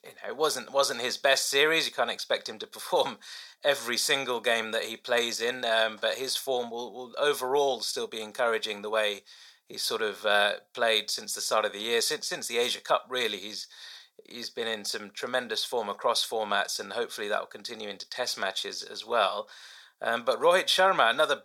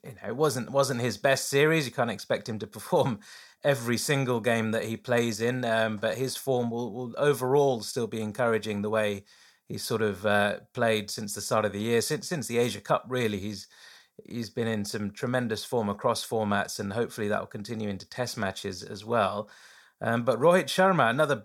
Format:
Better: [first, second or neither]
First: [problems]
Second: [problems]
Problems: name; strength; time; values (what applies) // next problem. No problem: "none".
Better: second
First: thin; somewhat; fading below 500 Hz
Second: none